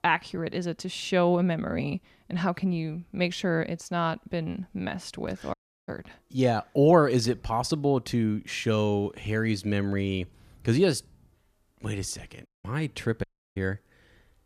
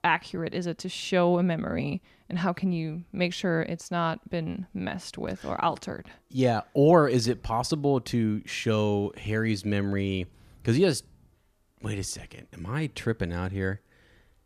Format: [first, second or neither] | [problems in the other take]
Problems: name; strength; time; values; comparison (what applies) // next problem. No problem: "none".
second | audio cutting out; at 5.5 s, at 12 s and at 13 s